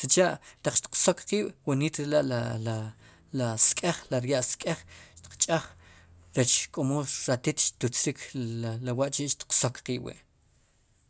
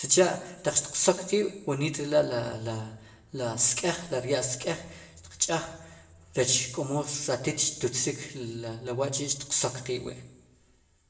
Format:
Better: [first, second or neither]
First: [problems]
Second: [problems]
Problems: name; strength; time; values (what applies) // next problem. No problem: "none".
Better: first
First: none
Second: room echo; dies away in 0.7 s